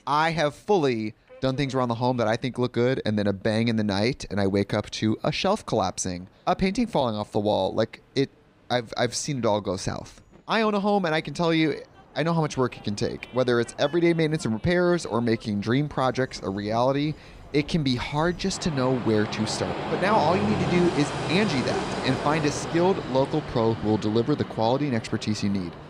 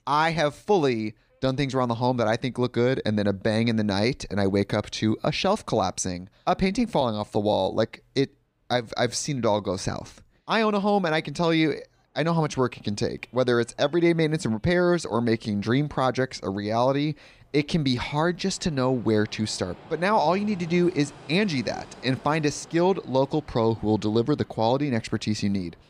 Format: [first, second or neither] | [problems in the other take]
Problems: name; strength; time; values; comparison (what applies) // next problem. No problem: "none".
second | train or aircraft noise; loud; throughout; 7 dB below the speech; faint in the second